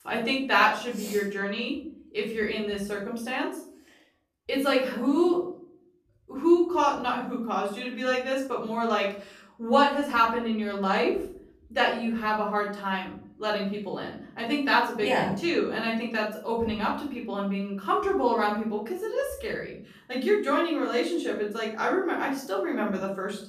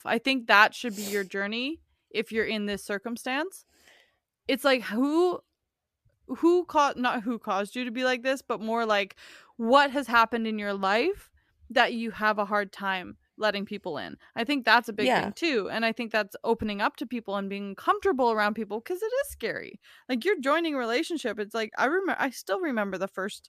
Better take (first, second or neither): second